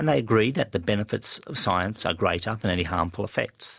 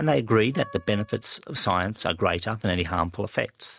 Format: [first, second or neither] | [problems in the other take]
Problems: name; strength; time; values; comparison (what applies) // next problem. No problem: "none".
first | noise reduction (neural mask model RNNoise)